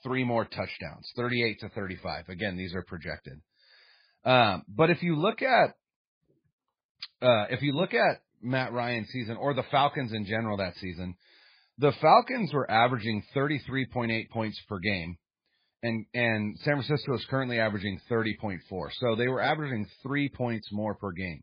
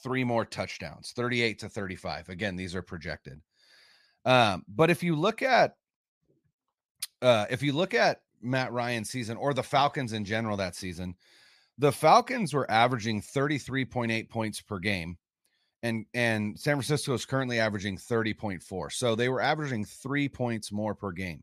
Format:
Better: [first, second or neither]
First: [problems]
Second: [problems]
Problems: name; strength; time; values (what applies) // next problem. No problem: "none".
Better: second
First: garbled, watery; badly; nothing above 4.5 kHz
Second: none